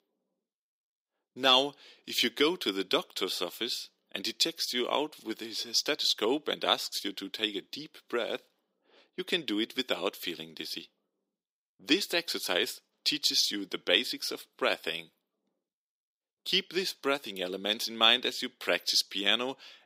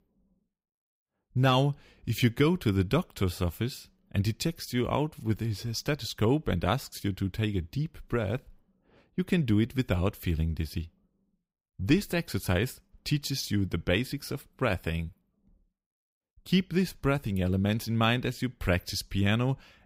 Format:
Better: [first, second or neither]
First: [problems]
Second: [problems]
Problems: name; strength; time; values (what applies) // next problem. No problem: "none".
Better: second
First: thin; somewhat; fading below 300 Hz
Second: none